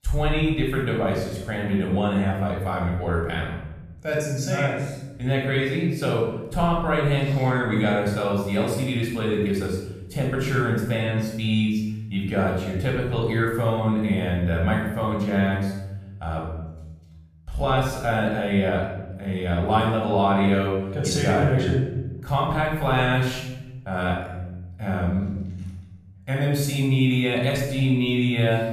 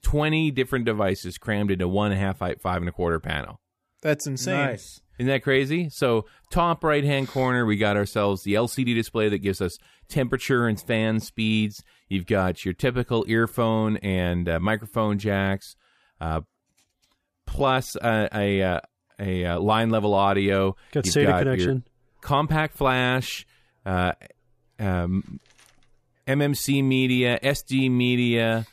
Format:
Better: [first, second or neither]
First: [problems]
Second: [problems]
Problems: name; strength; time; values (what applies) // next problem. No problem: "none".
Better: second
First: room echo; noticeable; dies away in 1.1 s // off-mic speech; far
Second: none